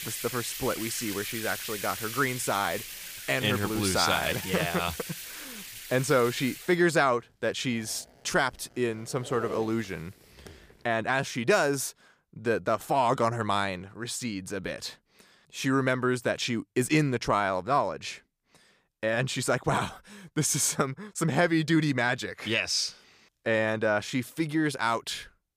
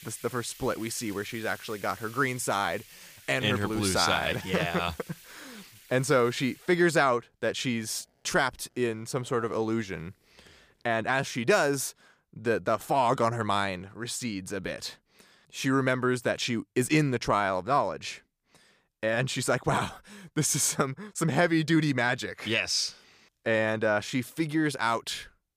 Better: second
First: household noises; loud; until 11 s; 9 dB below the speech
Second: household noises; faint; until 11 s; 20 dB below the speech

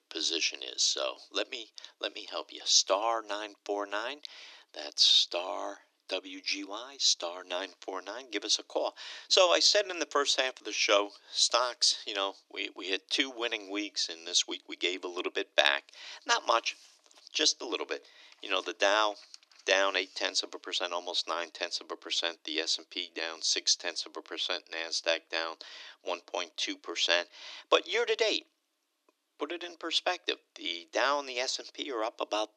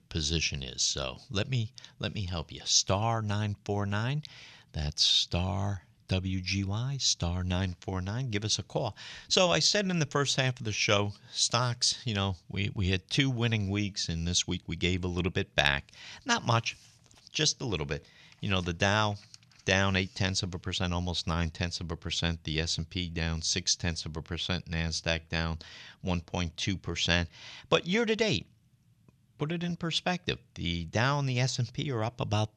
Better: second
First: thin; very; fading below 300 Hz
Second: none

